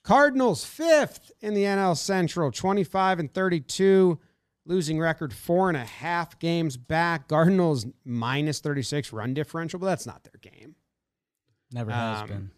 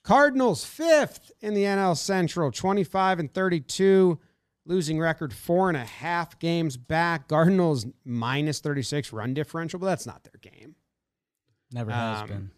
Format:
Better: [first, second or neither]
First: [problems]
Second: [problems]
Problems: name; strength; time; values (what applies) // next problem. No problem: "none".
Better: neither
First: none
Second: none